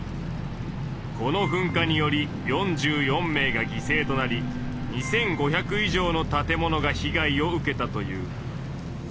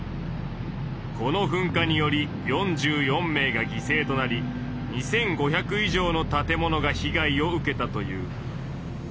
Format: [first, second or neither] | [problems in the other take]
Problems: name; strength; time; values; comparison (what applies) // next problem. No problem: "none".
second | background sound (Piano + Rain); 16 dB below the speech